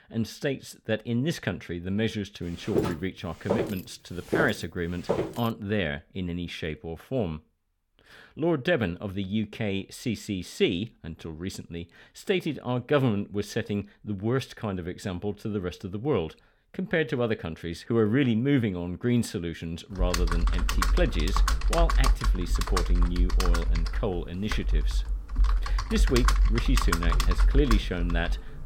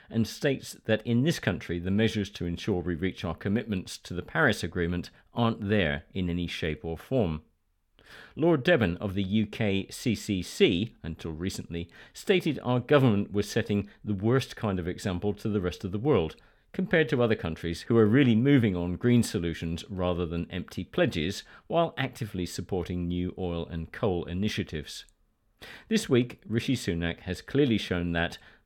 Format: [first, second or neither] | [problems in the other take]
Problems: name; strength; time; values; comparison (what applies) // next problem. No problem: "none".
second | footsteps; loud; from 3 to 5.5 s; peak 1 dB above the speech // keyboard typing; loud; from 20 s on; peak 5 dB above the speech